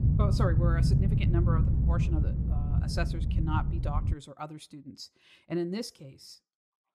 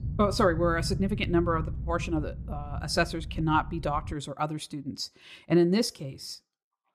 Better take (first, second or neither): second